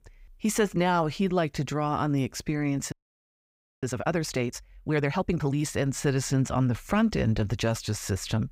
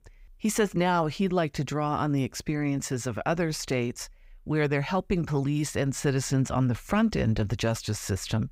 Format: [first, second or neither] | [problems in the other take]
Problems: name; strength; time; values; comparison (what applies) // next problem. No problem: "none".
second | audio freezing; at 3 s for 1 s